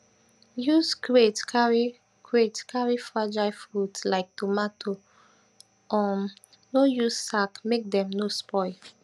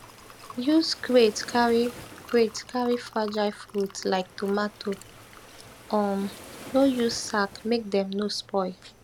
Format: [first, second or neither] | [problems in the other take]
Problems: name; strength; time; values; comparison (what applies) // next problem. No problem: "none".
first | background sound (Liquid + Waves, surf); 19 dB below the speech